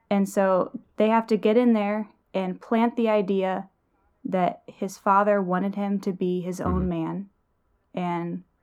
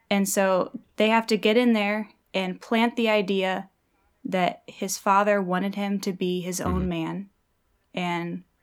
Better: second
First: muffled; slightly; fading above 1.5 kHz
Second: none

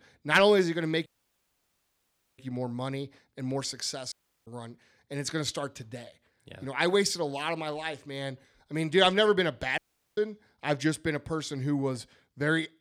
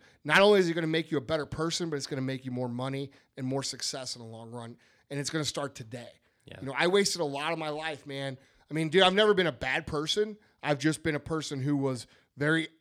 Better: second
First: audio cutting out; at 1 s for 1.5 s, at 4 s and at 10 s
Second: none

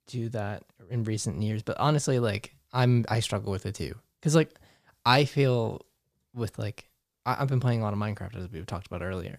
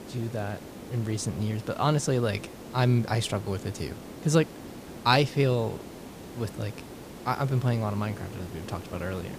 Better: first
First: none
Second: hiss; noticeable; throughout; 15 dB below the speech

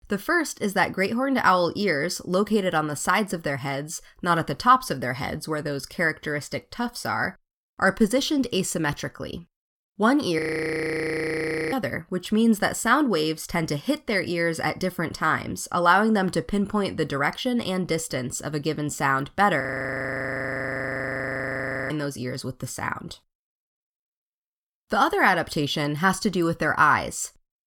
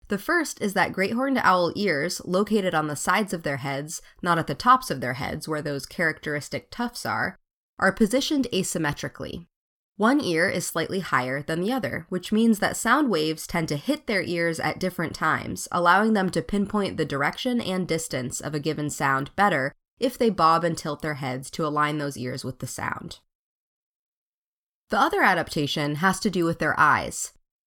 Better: second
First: audio freezing; at 10 s for 1.5 s and at 20 s for 2.5 s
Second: none

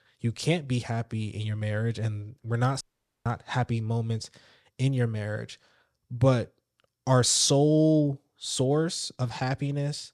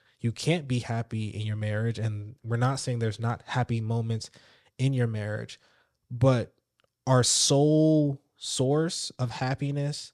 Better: second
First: audio cutting out; at 3 s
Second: none

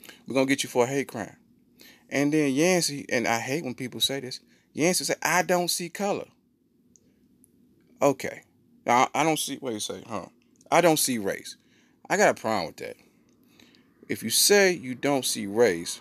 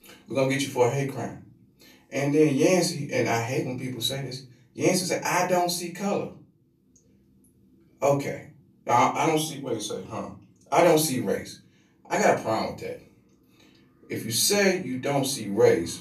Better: first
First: none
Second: off-mic speech; far // room echo; slight; dies away in 0.5 s

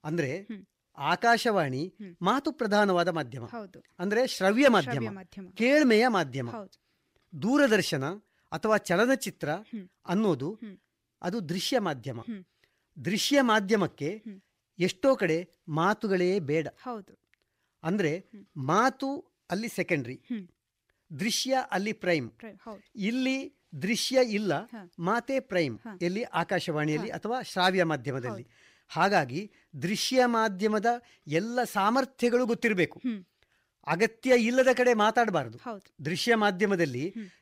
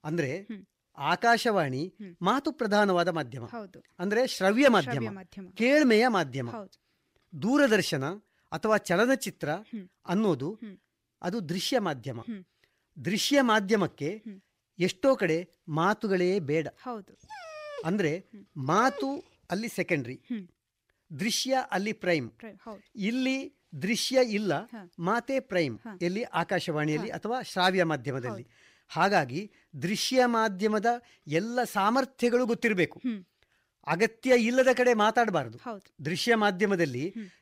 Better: first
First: none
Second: dog barking; faint; from 17 to 19 s; peak 15 dB below the speech

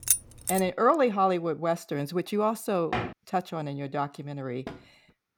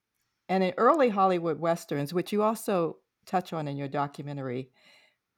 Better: second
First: jangling keys; loud; at the start; peak 4 dB above the speech // door banging; noticeable; at 3 s; peak 4 dB below the speech // door banging; faint; at 4.5 s; peak 15 dB below the speech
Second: none

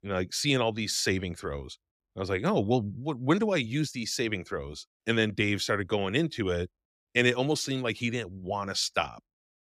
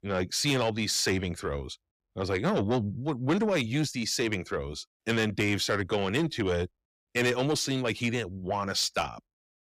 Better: first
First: none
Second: distortion; slight; 10 dB below the speech

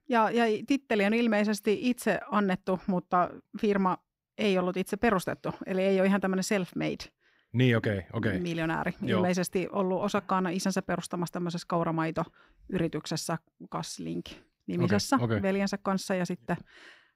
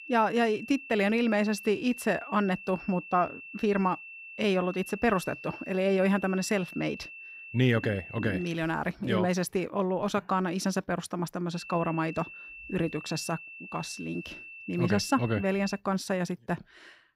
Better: first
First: none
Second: high-pitched whine; noticeable; until 8.5 s and from 12 to 16 s; 2.5 kHz, 15 dB below the speech

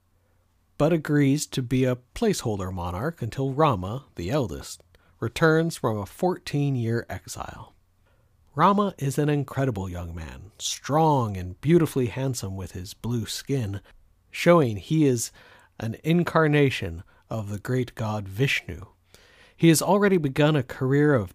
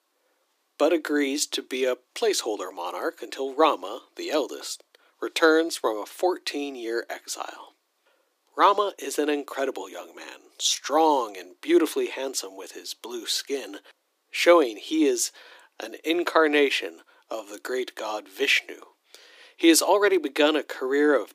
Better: first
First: none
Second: thin; somewhat; fading below 300 Hz

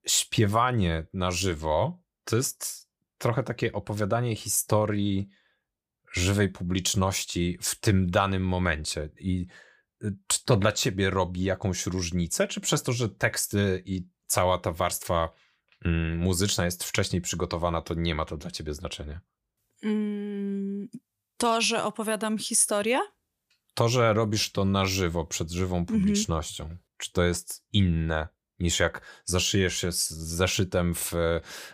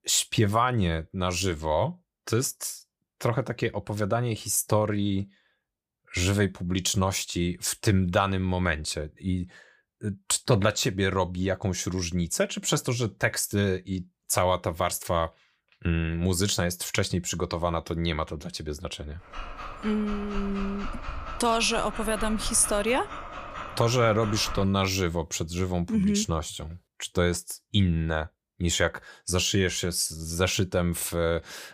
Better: first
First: none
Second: dog barking; noticeable; from 19 to 25 s; peak 9 dB below the speech

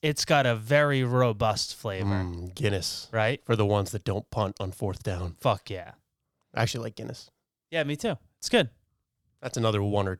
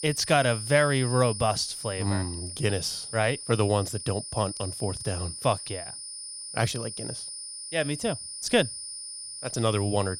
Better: first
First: none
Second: high-pitched whine; loud; throughout; 9.5 kHz, 8 dB below the speech

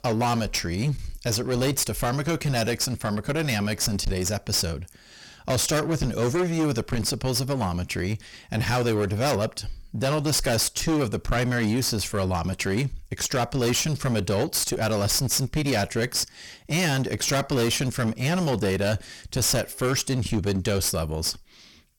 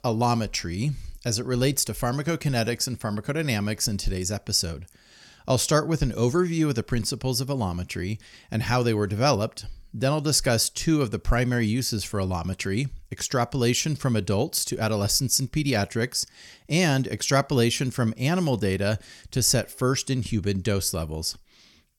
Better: second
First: distortion; heavy; 22% of the sound clipped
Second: none

